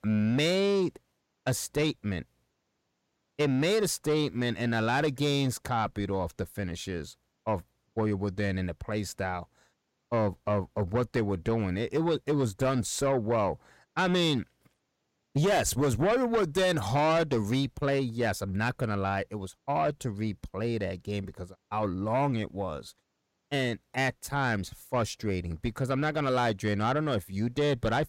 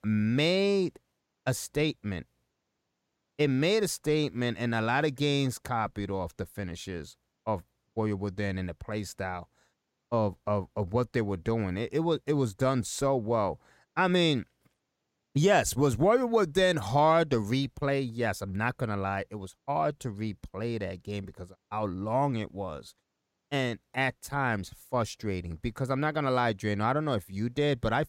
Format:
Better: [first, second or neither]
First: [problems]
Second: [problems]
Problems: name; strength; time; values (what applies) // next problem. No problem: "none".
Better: second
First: distortion; slight; 10 dB below the speech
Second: none